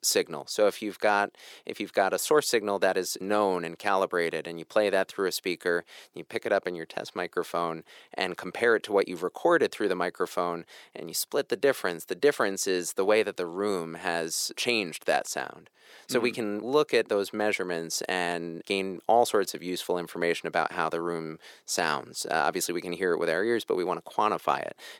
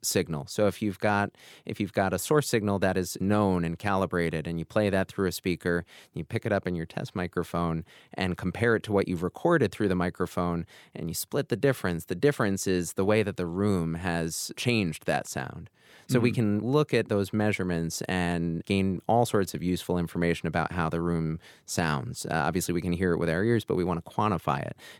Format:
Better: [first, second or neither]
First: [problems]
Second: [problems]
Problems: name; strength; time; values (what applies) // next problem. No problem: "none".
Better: second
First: thin; somewhat; fading below 450 Hz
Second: none